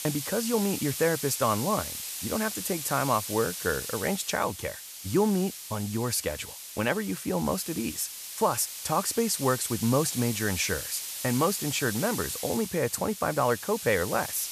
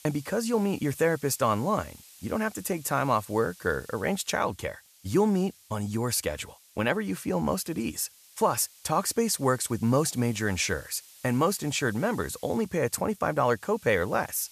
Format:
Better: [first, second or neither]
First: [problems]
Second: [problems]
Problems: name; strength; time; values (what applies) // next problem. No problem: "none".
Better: second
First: hiss; loud; throughout; 6 dB below the speech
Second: hiss; faint; throughout; 25 dB below the speech